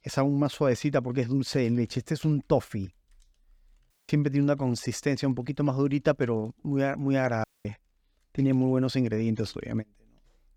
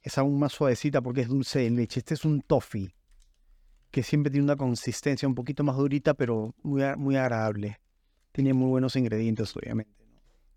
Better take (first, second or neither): second